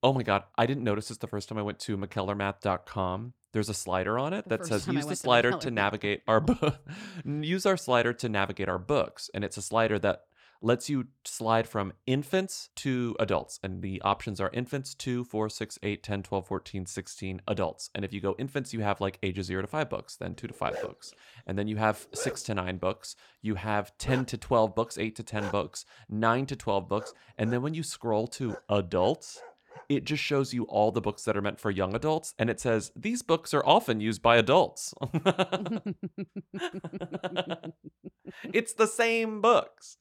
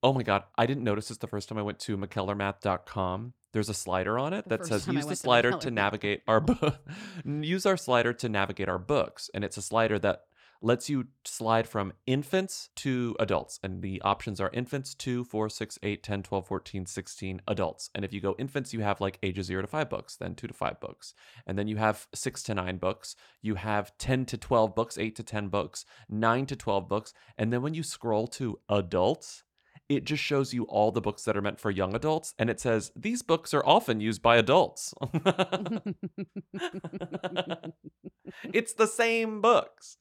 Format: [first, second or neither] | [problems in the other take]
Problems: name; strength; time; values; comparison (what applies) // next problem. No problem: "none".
second | dog barking; noticeable; from 21 to 30 s; peak 9 dB below the speech